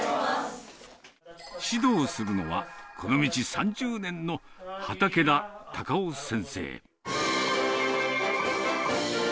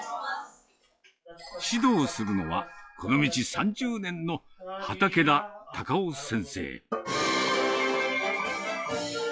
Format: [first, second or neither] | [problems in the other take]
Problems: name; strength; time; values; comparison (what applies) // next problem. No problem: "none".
first | noise reduction (classical method log-MMSE)